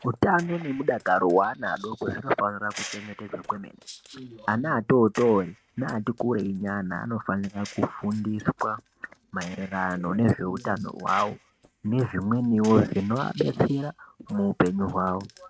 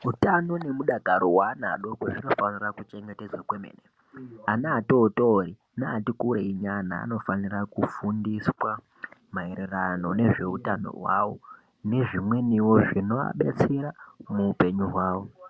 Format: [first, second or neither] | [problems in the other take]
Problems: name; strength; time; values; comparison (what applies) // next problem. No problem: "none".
second | noise reduction (neural mask model RNNoise)